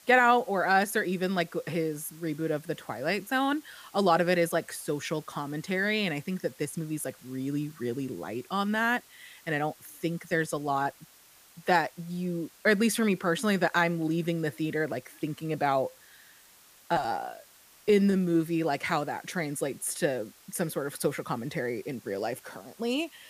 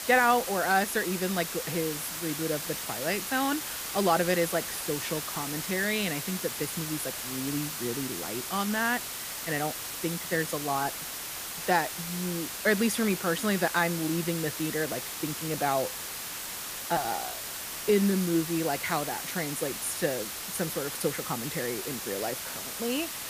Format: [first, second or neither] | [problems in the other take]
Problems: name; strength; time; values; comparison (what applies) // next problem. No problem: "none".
first | hiss; loud; throughout; 4 dB below the speech; faint in the first